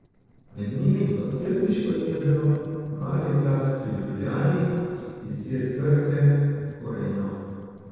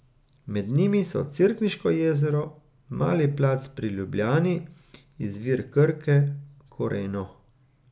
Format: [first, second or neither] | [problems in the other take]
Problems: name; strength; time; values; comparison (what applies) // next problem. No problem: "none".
second | noise reduction (neural separator model SepFormer DNS4)